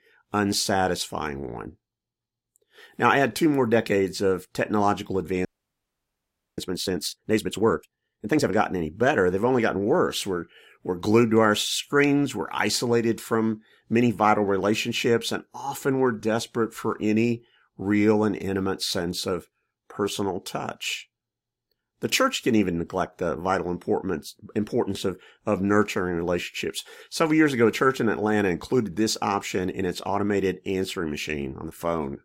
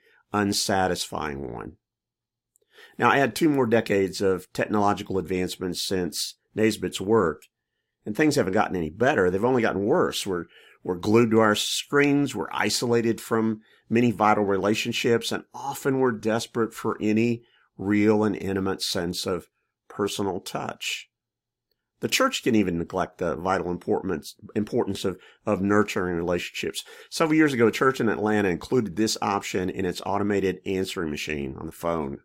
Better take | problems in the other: second | audio freezing; at 5.5 s for 1 s

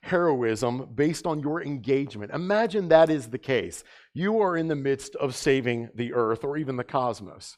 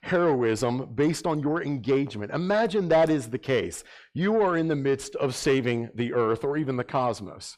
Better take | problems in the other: first | distortion; slight; 10 dB below the speech

